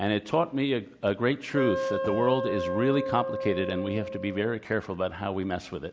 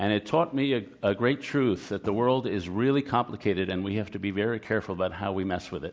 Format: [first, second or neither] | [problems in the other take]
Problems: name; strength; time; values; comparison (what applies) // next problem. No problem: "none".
second | background sound (Wind instrument, woodwind instrument); 4 dB below the speech